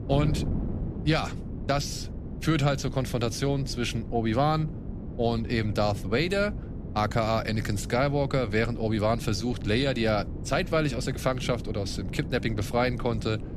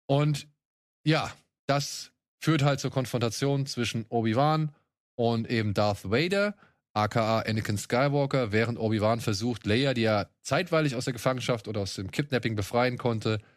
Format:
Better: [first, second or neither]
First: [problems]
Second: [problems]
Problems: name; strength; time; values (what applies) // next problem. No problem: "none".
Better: second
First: wind noise on the microphone; occasional gusts; 15 dB below the speech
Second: none